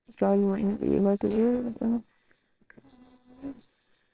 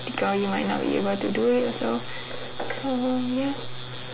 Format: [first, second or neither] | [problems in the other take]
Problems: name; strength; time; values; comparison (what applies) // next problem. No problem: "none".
second | noise reduction (neural separator model SepFormer WHAMR!)